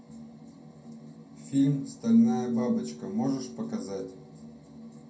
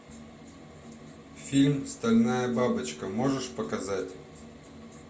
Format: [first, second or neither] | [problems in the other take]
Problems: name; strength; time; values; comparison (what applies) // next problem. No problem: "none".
second | room echo; dies away in 0.2 s